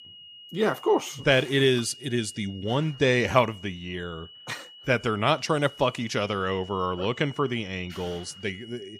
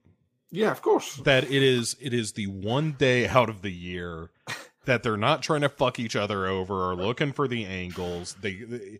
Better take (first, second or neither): second